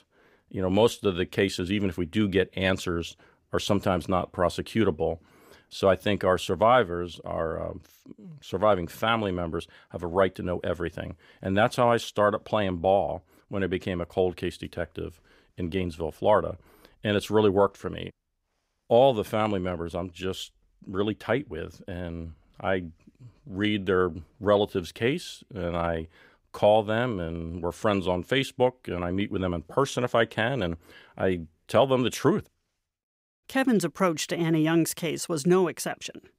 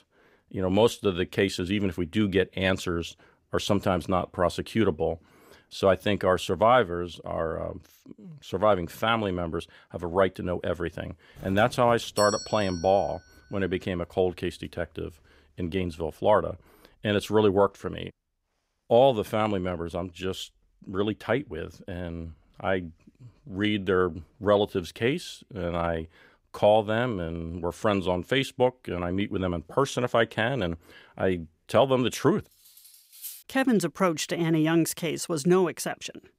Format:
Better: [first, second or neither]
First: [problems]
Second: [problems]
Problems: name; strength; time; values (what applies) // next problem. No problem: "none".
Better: first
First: none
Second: doorbell; noticeable; from 11 to 13 s; peak 6 dB below the speech // clattering dishes; faint; at 33 s; peak 15 dB below the speech